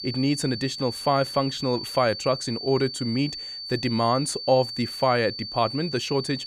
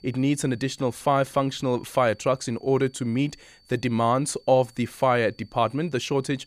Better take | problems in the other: second | high-pitched whine; loud; throughout; 4.5 kHz, 7 dB below the speech; faint in the second

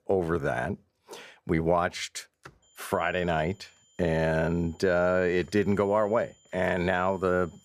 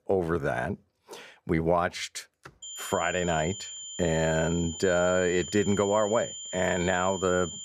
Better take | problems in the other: first | high-pitched whine; loud; from 2.5 s on; 7 kHz, 10 dB below the speech; faint in the first

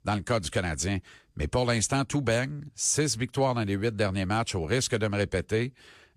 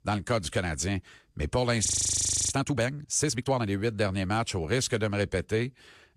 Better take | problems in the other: first | audio freezing; at 2 s for 0.5 s

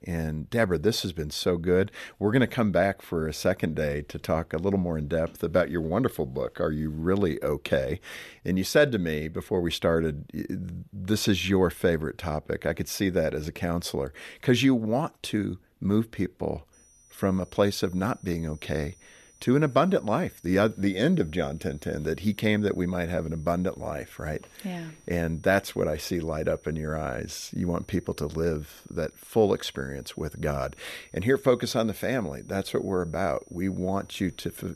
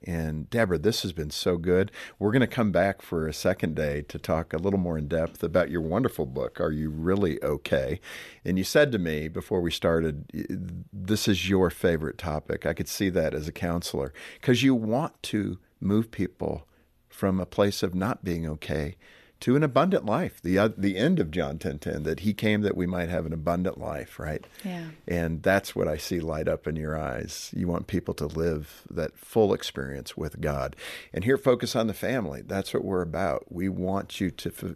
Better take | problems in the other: second | high-pitched whine; faint; from 17 s on; 6 kHz, 30 dB below the speech

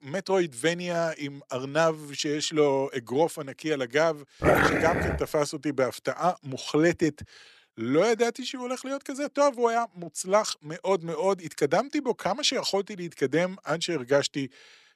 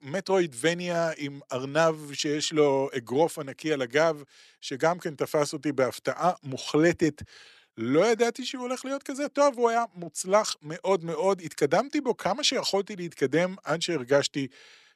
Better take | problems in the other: second | dog barking; loud; at 4.5 s; peak 6 dB above the speech

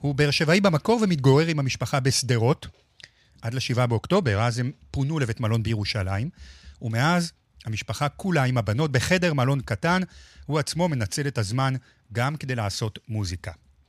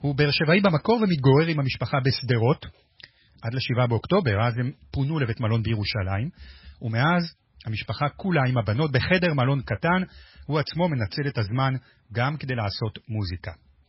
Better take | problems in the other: first | garbled, watery; badly; nothing above 5.5 kHz

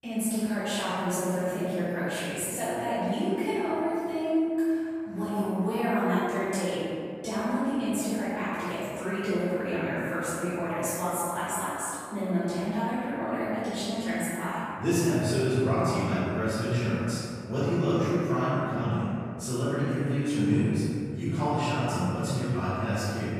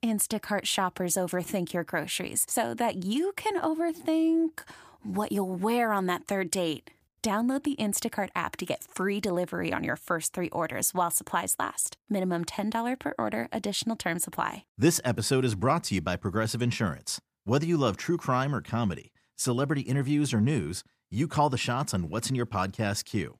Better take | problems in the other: second | off-mic speech; far // room echo; strong; dies away in 2.2 s

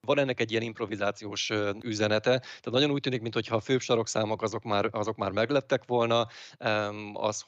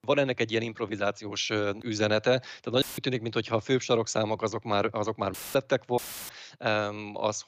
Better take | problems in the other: first | audio cutting out; filled with static; at 3 s, at 5.5 s and at 6 s

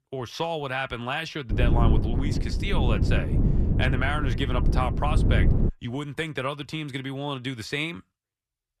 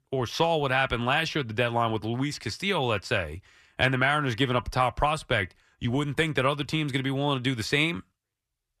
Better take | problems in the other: second | wind noise on the microphone; heavy; from 1.5 to 5.5 s; 6 dB below the speech

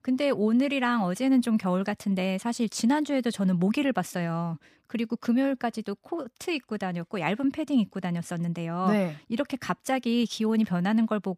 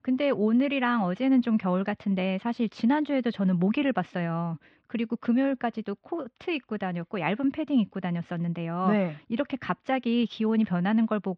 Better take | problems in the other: first | muffled; slightly; fading above 3.5 kHz

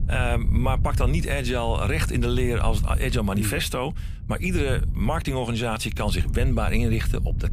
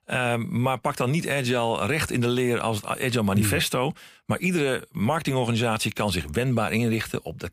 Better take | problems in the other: second | wind noise on the microphone; occasional gusts; 15 dB below the speech

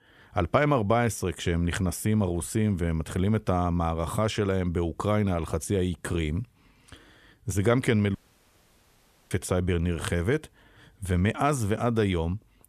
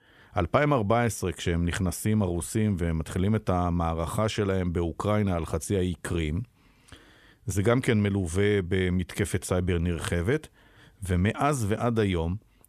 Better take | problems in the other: second | audio cutting out; at 8 s for 1 s

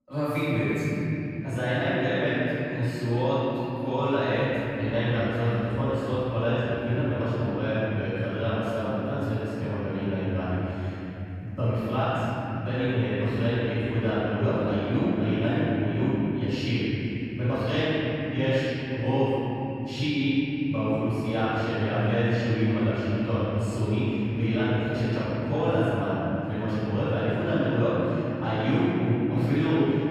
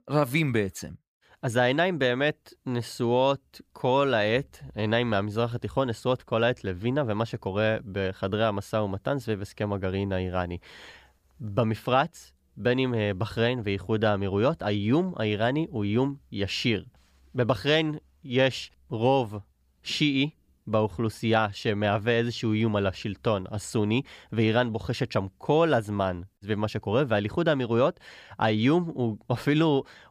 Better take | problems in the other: second | off-mic speech; far // room echo; strong; dies away in 3 s

